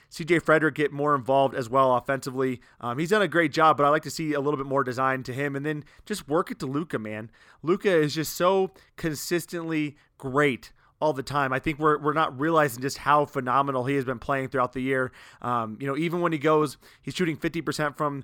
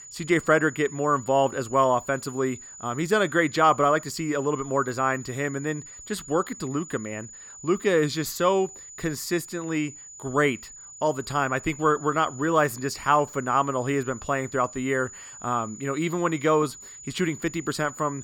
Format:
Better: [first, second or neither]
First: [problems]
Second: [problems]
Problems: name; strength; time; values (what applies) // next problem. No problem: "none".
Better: first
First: none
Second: high-pitched whine; noticeable; throughout; 7 kHz, 15 dB below the speech